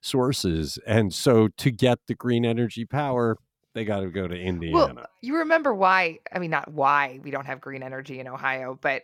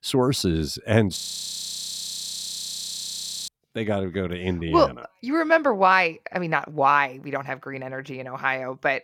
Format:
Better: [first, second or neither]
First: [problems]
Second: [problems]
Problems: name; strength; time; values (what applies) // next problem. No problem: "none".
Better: first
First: none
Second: audio freezing; at 1 s for 2.5 s